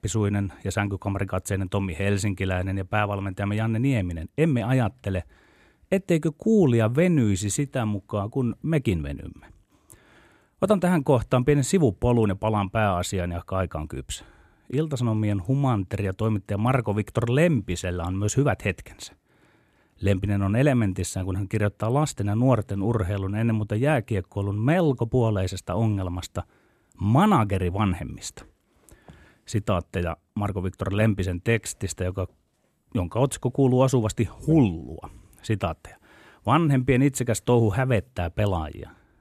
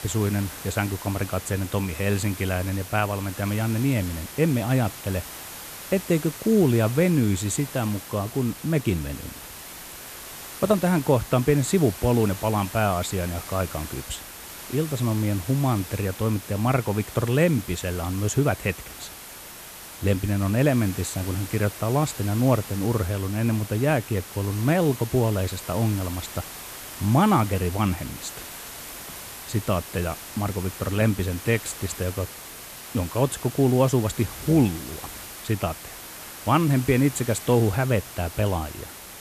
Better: first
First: none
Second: hiss; noticeable; throughout; 10 dB below the speech

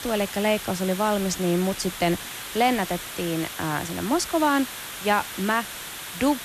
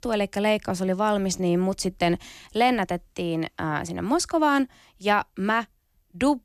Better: second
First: hiss; loud; throughout; 8 dB below the speech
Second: none

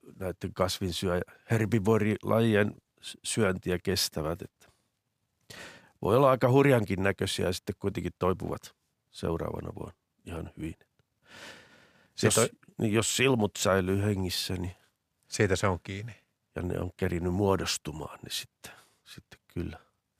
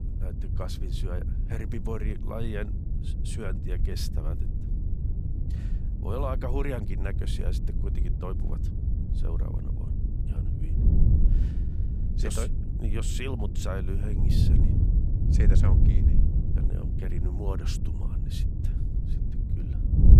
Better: first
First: none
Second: wind noise on the microphone; heavy; 4 dB below the speech

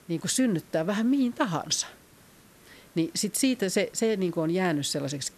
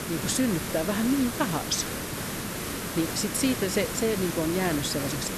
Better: first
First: hiss; faint; throughout; 25 dB below the speech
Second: hiss; loud; throughout; 4 dB below the speech

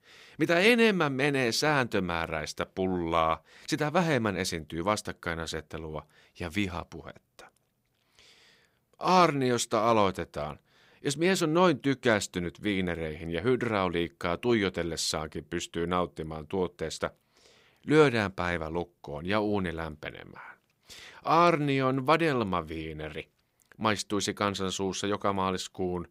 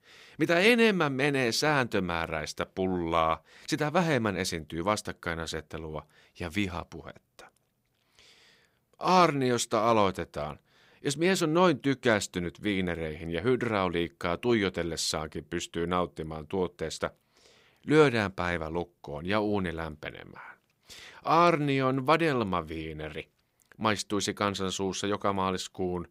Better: neither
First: none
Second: none

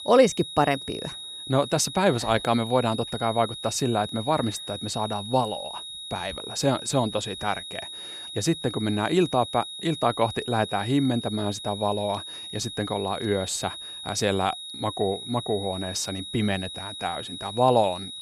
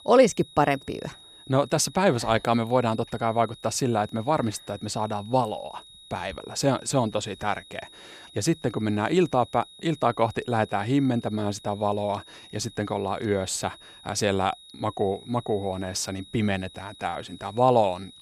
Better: second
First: high-pitched whine; loud; throughout; 4 kHz, 9 dB below the speech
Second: high-pitched whine; faint; throughout; 4 kHz, 20 dB below the speech

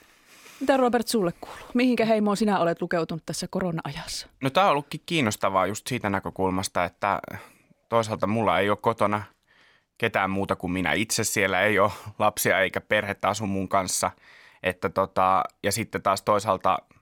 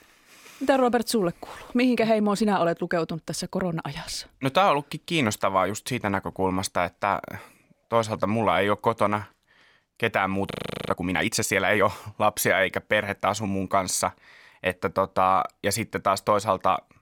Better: first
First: none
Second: audio freezing; at 11 s

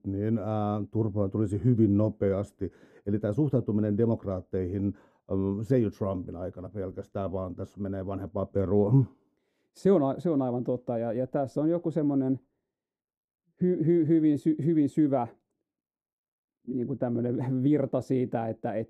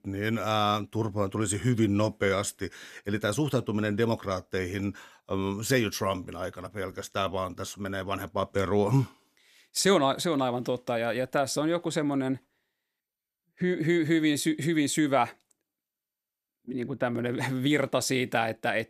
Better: second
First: muffled; very; fading above 1 kHz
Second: none

